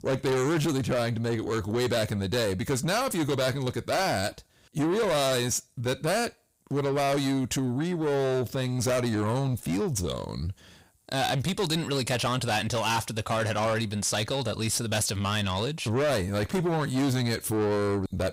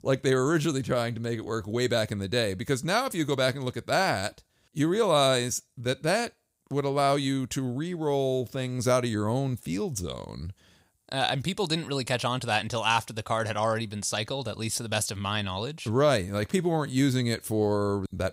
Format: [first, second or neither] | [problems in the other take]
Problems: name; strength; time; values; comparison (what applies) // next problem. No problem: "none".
second | distortion; heavy; 7 dB below the speech